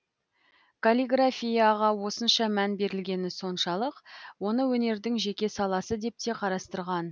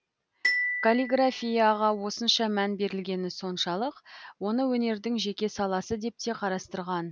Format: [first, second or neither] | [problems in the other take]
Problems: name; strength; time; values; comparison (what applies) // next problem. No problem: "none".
first | background sound (Glockenspiel); 7 dB below the speech